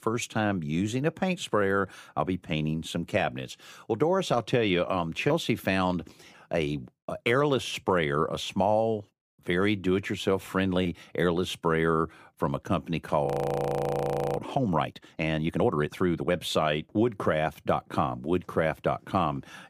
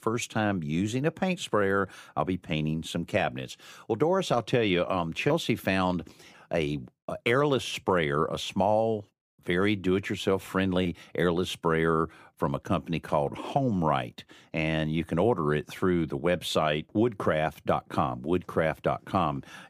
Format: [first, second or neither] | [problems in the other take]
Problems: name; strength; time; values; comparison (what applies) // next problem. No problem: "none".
second | audio freezing; at 13 s for 1 s